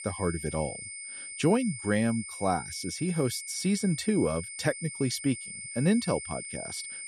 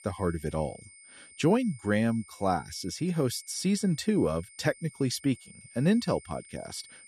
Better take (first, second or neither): second